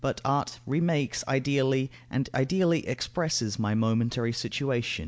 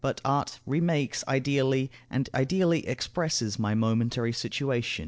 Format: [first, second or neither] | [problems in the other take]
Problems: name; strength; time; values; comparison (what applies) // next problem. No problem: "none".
first | noise reduction (neural separator model SepFormer DNS4)